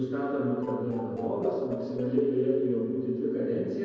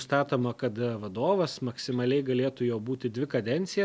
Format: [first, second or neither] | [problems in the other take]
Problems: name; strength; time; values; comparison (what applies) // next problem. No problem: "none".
second | noise reduction (neural separator model SepFormer DNS4)